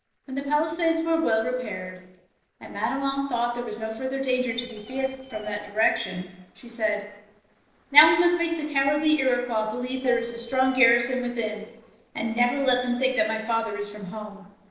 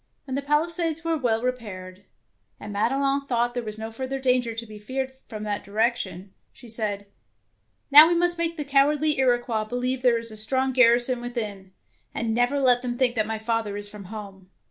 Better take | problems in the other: second | noise reduction (neural separator model SepFormer DNS4)

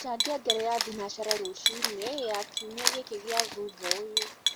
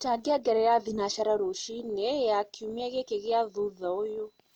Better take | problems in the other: second | background sound (Cat); 2 dB above the speech

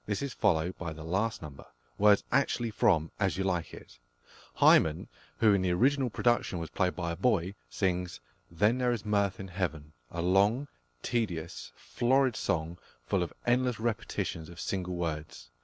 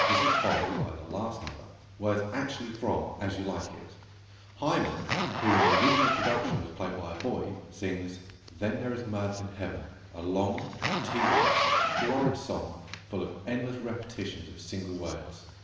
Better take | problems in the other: first | background sound (Zipper (clothing)); 1 dB above the speech // room echo; dies away in 1.1 s

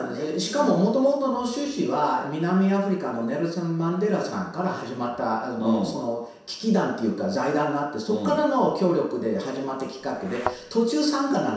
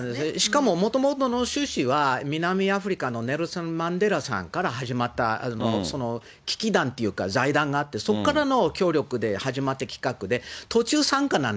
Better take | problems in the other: second | background sound (Thump, thud); 9 dB below the speech // room echo; dies away in 0.7 s

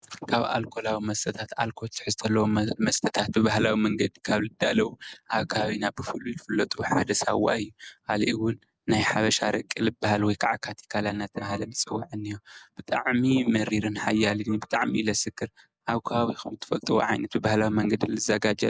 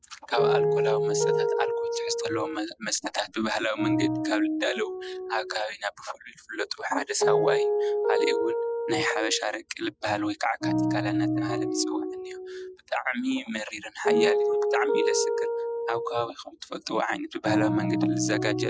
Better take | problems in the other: first | noise reduction (classical method Wiener filter)

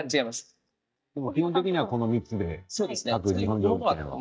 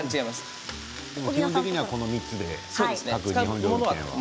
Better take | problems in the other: second | noise reduction (neural mask model DeepFilterNet 3)

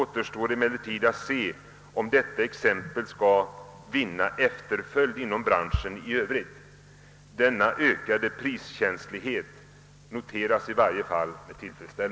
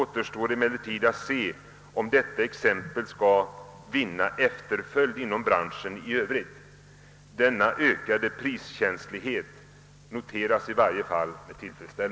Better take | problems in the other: second | background sound (Bass drum); 11 dB below the speech

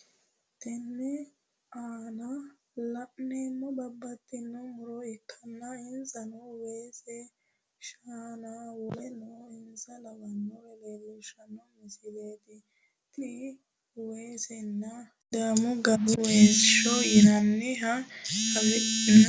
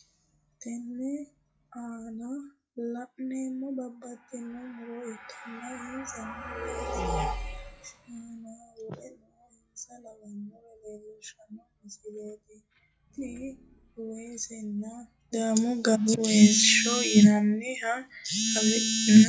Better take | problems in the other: first | noise reduction (classical method log-MMSE)

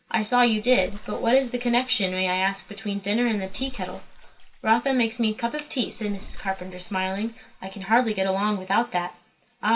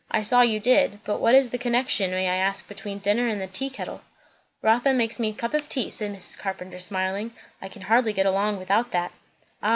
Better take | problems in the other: second | background sound (Bathtub (filling or washing) / Water / Splash, splatter); 14 dB below the speech // room echo; dies away in 0.2 s

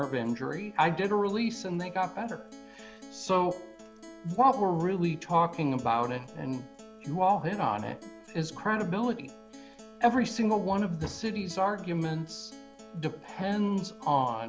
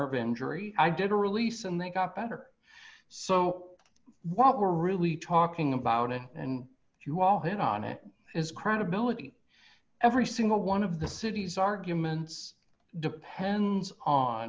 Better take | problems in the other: second | background sound (Acoustic guitar); 19 dB below the speech

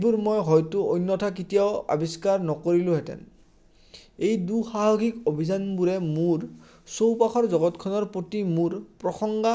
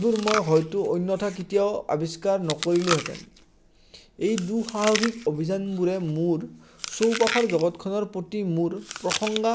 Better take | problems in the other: first | background sound (Chewing, mastication); 10 dB below the speech

